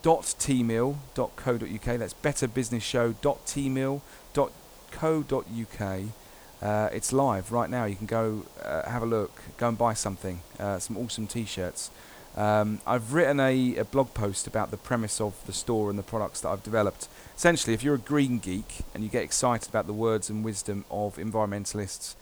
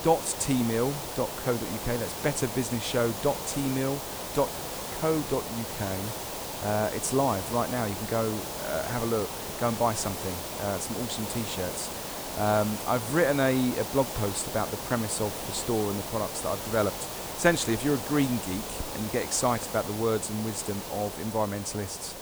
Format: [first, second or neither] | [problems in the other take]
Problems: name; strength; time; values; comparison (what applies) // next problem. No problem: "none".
first | hiss; loud; throughout; 5 dB below the speech; faint in the first